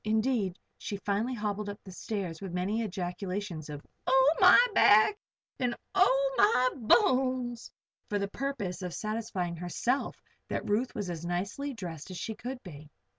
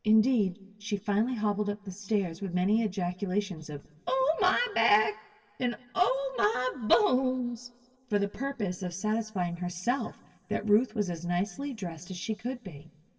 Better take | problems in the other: first | room echo; dies away in 1.3 s

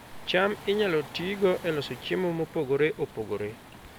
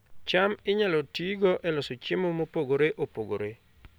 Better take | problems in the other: second | background sound (Waves, surf); 17 dB below the speech

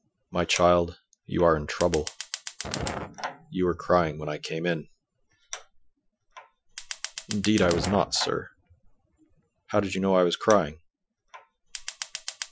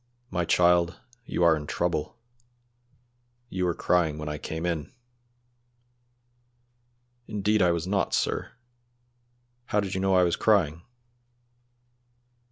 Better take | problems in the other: second | noise reduction (classical method Wiener filter)

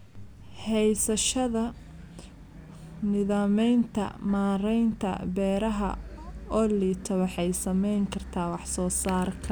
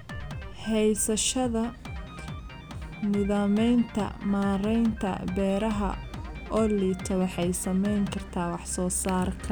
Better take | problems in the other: first | background sound (Drum kit); 12 dB below the speech

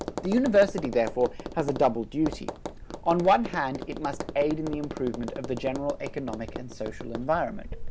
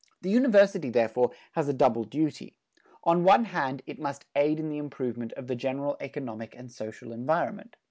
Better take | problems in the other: second | background sound (Tap); 9 dB below the speech

